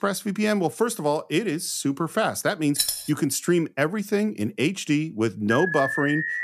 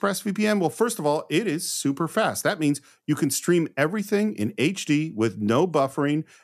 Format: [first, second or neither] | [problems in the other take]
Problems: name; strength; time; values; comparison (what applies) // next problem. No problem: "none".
second | jangling keys; loud; at 3 s; peak 1 dB above the speech // alarm; noticeable; at 5.5 s; peak 1 dB below the speech